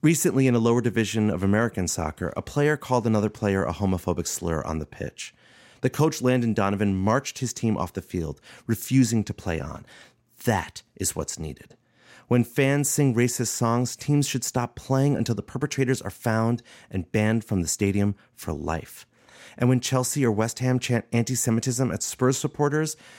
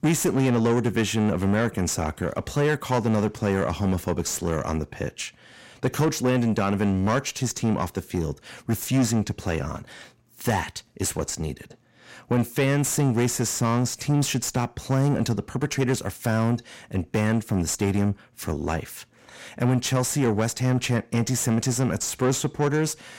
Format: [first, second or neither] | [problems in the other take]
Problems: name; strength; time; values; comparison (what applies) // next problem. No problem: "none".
first | distortion; slight; 10 dB below the speech